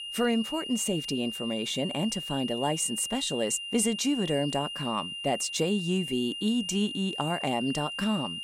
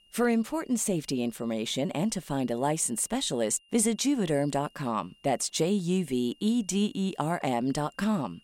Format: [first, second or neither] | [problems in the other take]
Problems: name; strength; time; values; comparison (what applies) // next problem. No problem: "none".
second | high-pitched whine; loud; throughout; 3 kHz, 5 dB below the speech; faint in the second